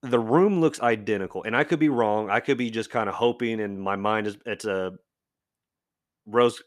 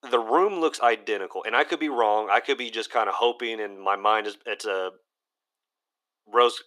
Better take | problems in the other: first | thin; very; fading below 350 Hz

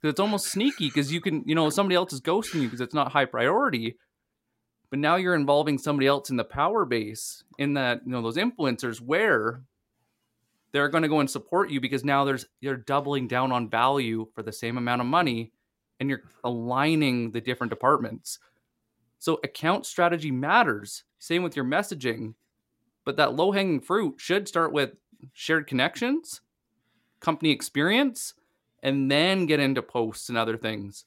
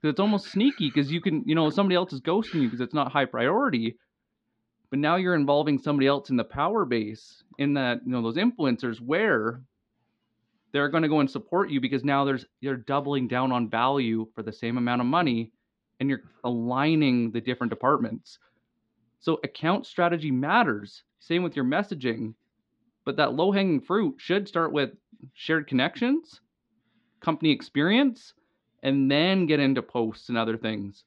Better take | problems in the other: first | muffled; very slightly; fading above 4 kHz

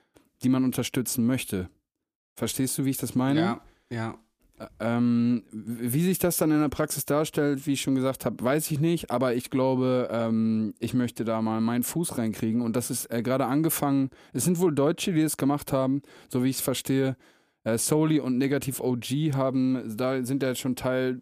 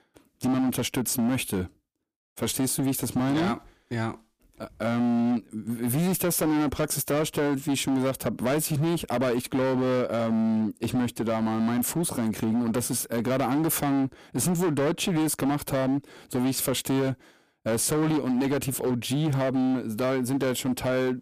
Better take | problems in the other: first | distortion; slight; 20% of the sound clipped

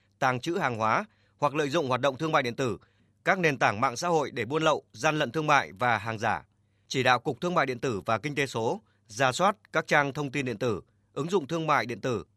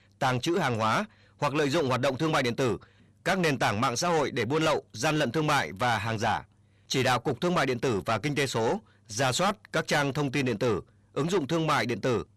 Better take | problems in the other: first | distortion; heavy; 6 dB below the speech

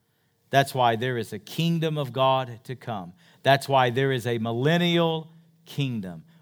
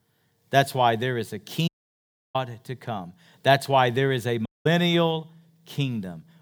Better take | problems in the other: first | audio cutting out; at 1.5 s for 0.5 s and at 4.5 s

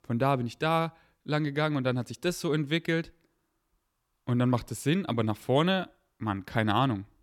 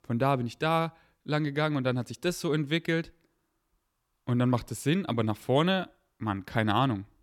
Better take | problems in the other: neither | none

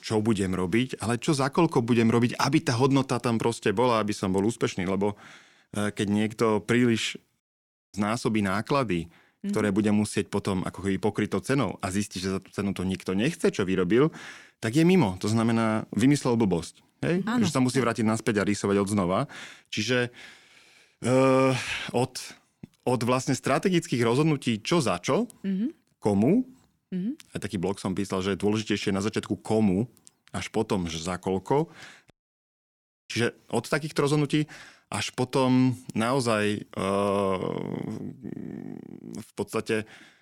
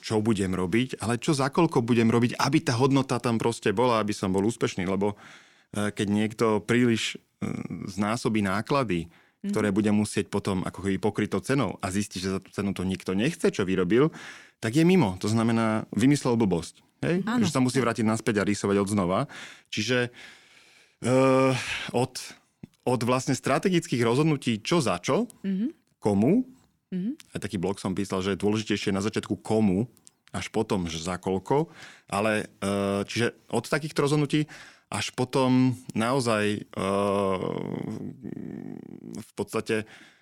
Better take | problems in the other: second | audio cutting out; at 7.5 s for 0.5 s and at 32 s for 1 s

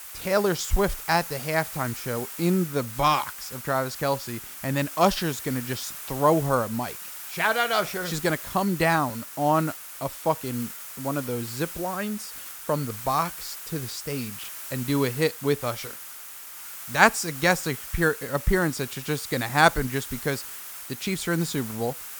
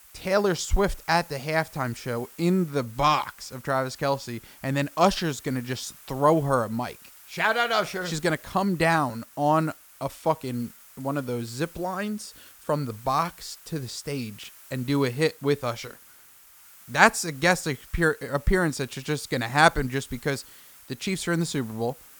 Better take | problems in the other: second | hiss; loud; throughout; 10 dB below the speech; faint in the second

